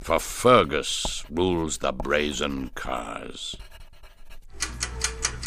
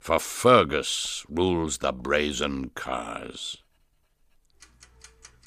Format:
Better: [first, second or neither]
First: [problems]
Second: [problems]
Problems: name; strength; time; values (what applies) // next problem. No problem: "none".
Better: second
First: household noises; loud; throughout; 7 dB below the speech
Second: household noises; faint; throughout; 30 dB below the speech